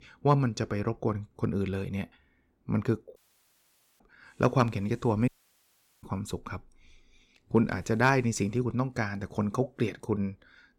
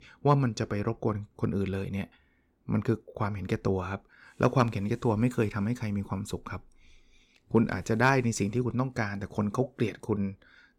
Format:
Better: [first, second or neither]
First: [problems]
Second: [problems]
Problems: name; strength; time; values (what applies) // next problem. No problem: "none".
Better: second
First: audio cutting out; at 3 s for 1 s and at 5.5 s for 1 s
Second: none